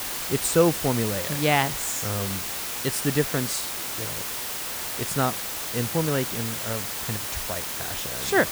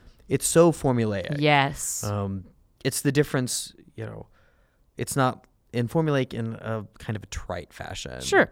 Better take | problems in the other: second | hiss; loud; throughout; 1 dB below the speech

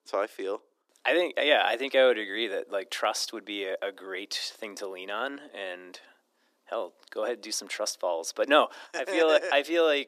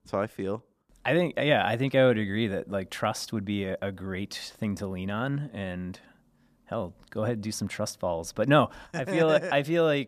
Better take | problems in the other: second | thin; somewhat; fading below 300 Hz

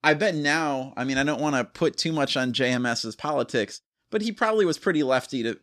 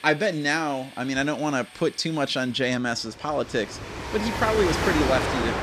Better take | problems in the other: first | train or aircraft noise; loud; throughout; 2 dB below the speech

